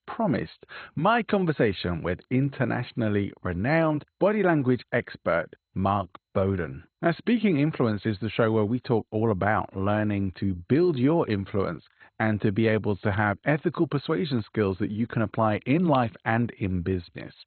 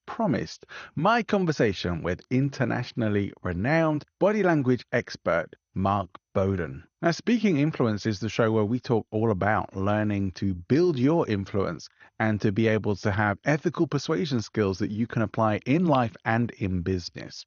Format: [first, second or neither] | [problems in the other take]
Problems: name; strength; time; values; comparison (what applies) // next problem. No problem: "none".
second | garbled, watery; badly; nothing above 4 kHz; slightly in the second